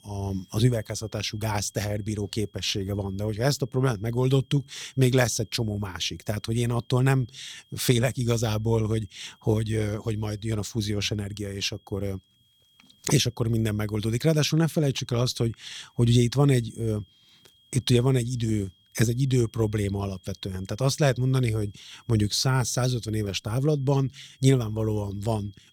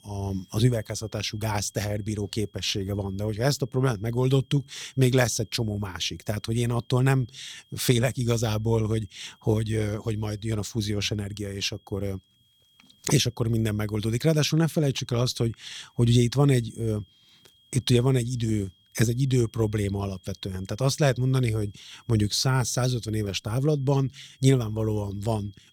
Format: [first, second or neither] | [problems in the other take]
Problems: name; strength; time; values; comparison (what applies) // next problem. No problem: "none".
neither | high-pitched whine; faint; throughout; 3 kHz, 35 dB below the speech; the same in both